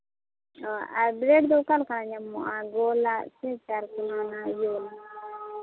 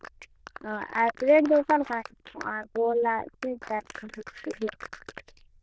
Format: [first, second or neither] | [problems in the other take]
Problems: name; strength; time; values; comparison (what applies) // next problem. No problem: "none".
first | noise reduction (neural diffusion model UNIVERSE++)